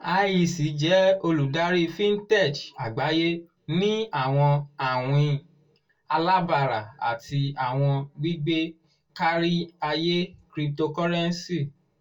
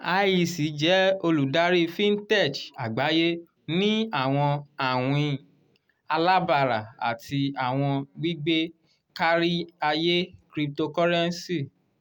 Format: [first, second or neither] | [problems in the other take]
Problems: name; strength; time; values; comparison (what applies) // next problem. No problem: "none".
second | room echo; dies away in 0.1 s